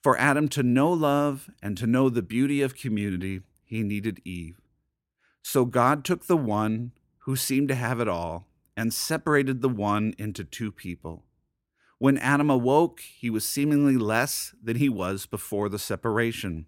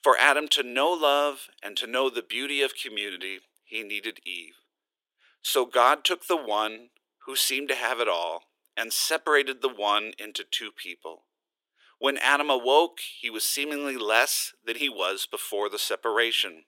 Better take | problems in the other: first | thin; very; fading below 400 Hz

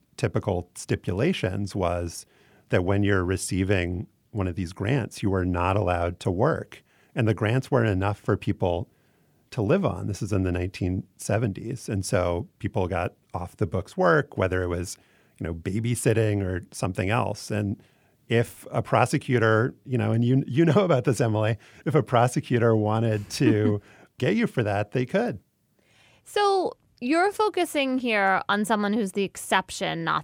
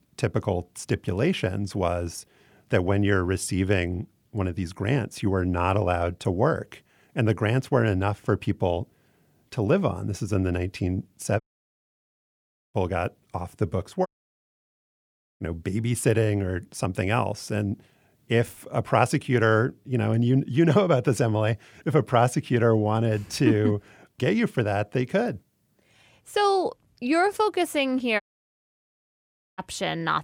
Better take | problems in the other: first | audio cutting out; at 11 s for 1.5 s, at 14 s for 1.5 s and at 28 s for 1.5 s

